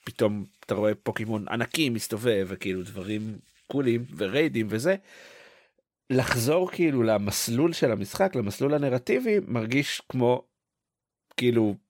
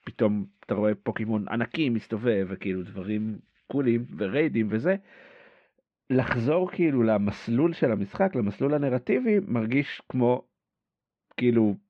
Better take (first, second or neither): first